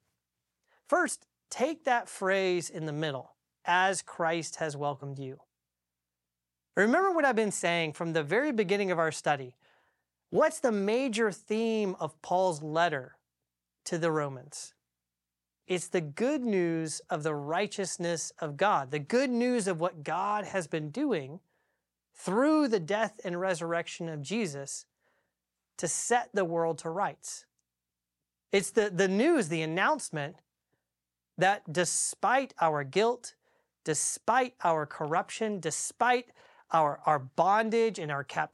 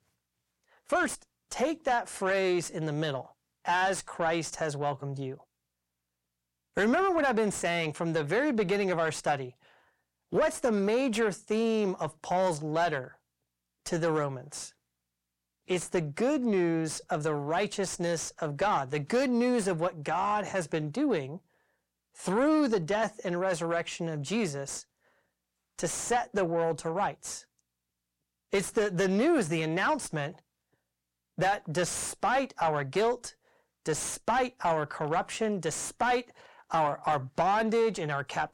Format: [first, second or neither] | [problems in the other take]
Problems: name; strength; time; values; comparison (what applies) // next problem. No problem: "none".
first | distortion; slight; 10 dB below the speech